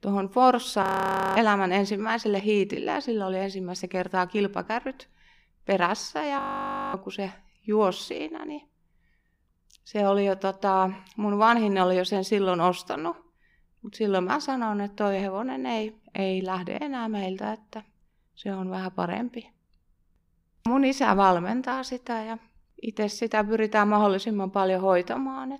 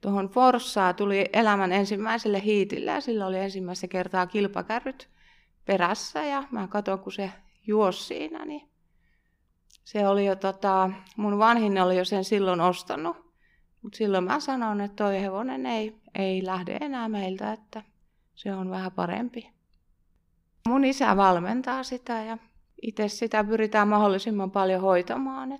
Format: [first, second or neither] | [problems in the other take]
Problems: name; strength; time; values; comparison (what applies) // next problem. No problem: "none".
second | audio freezing; at 1 s for 0.5 s and at 6.5 s for 0.5 s